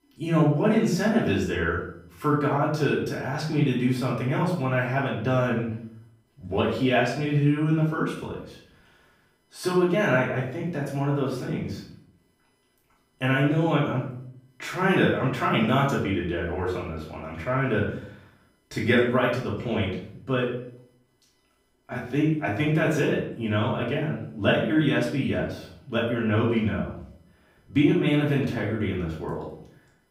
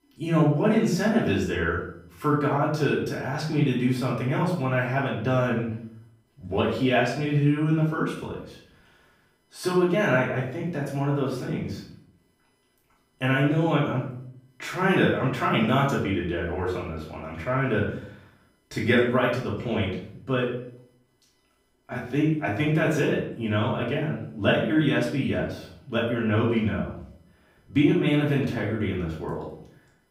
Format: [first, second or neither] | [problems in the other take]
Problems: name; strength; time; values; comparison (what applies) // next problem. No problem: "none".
neither | off-mic speech; far; the same in both // room echo; noticeable; dies away in 0.5 s; the same in both